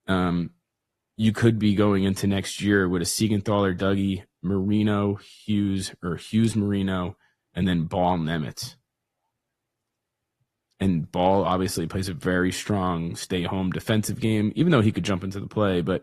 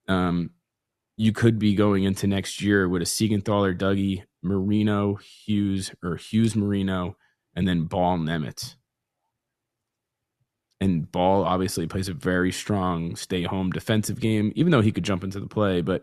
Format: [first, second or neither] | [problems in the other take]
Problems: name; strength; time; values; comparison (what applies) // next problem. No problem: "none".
second | garbled, watery; slightly; nothing above 13.5 kHz